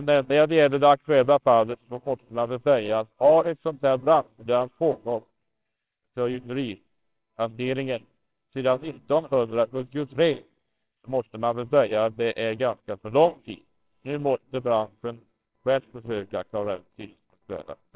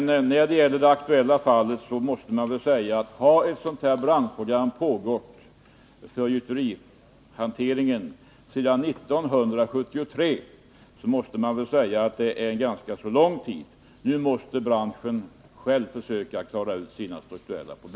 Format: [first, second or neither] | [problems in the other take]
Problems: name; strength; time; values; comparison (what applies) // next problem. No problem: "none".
second | noise reduction (neural separator model SepFormer WHAMR!)